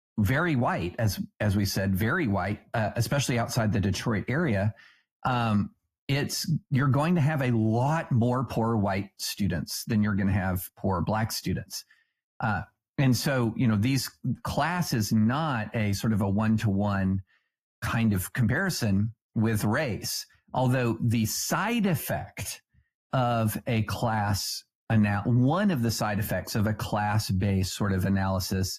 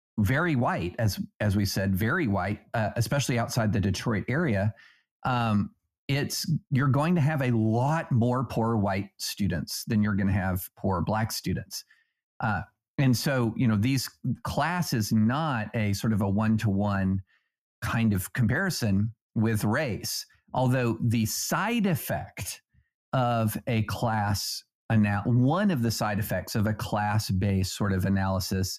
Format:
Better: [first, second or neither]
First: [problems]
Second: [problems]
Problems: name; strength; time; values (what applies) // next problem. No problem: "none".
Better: second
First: garbled, watery; slightly; nothing above 14.5 kHz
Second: none